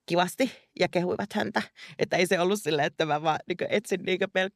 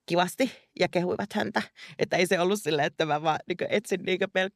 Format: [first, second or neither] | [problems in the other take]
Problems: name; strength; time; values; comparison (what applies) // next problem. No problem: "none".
neither | none